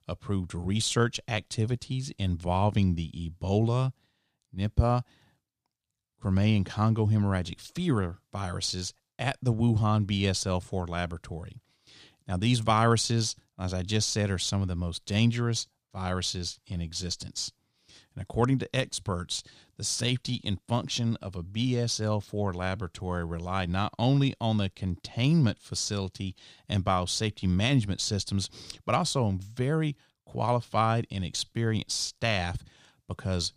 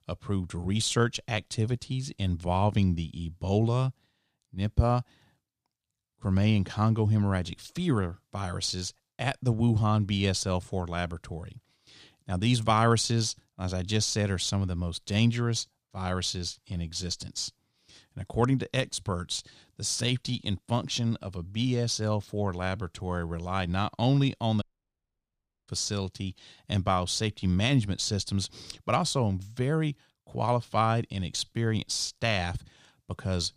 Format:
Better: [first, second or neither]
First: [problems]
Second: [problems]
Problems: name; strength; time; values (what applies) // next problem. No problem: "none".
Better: first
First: none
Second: audio cutting out; at 25 s for 1 s